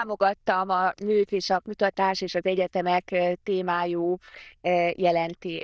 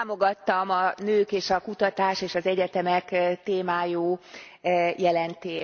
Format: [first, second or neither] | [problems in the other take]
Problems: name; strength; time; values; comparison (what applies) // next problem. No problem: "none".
second | noise reduction (neural diffusion model UNIVERSE++)